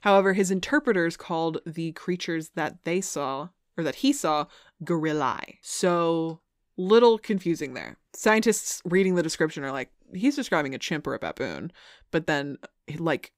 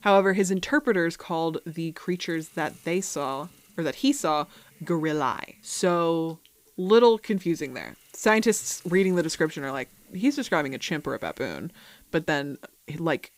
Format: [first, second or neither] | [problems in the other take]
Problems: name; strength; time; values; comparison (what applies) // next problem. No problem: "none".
first | hiss; faint; throughout; 30 dB below the speech